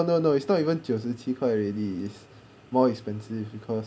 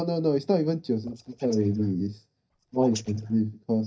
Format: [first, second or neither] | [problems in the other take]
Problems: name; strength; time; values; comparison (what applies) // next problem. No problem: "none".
first | noise reduction (neural mask model DeepFilterNet 3)